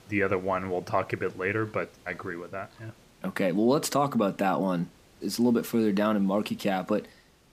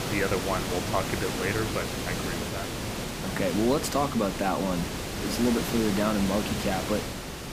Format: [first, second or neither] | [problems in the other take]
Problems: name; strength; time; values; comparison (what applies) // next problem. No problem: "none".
first | hiss; loud; throughout; 2 dB below the speech; faint in the first